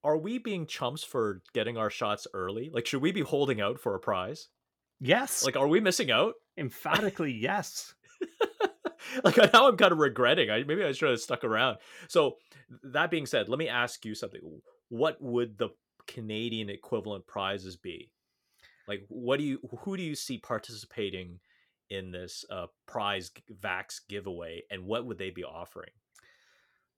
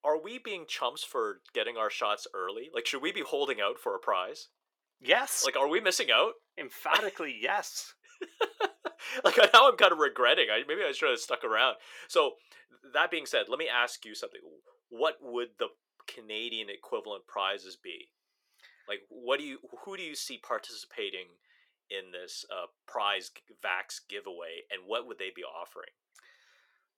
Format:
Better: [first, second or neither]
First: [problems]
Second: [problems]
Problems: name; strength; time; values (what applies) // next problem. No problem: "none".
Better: first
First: none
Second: thin; very; fading below 400 Hz